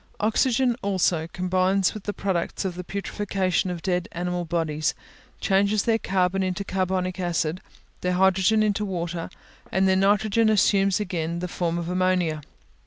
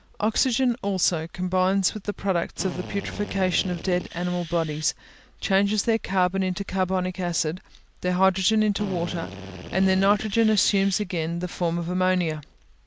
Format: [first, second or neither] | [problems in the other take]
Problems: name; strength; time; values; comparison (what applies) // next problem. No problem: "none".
first | background sound (Drill); 14 dB below the speech